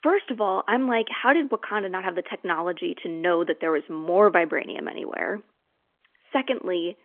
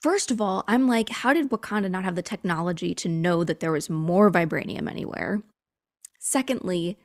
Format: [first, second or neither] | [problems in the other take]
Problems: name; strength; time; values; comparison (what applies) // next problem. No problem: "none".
second | phone-call audio; nothing above 3.5 kHz